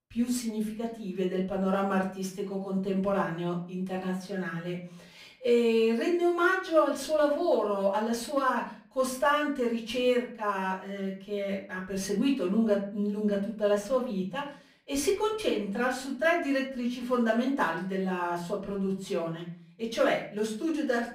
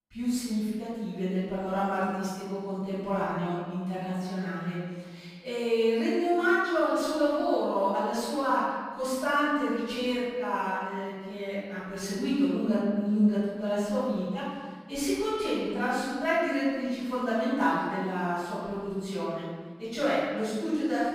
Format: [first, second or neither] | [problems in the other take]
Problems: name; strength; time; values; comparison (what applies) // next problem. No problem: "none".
first | room echo; strong; dies away in 1.4 s; slight in the first // off-mic speech; far; far in the first